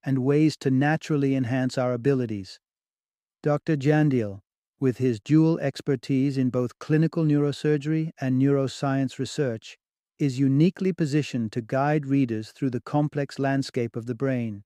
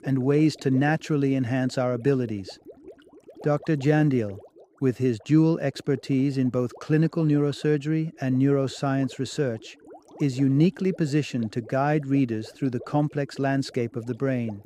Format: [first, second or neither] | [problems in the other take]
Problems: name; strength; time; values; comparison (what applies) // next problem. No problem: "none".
first | rain or running water; faint; throughout; 25 dB below the speech